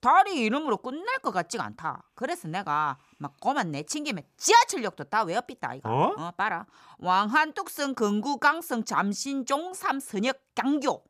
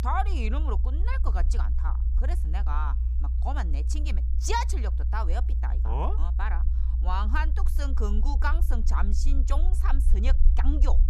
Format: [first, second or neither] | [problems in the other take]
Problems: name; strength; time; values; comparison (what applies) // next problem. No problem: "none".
first | low rumble; noticeable; throughout; 10 dB below the speech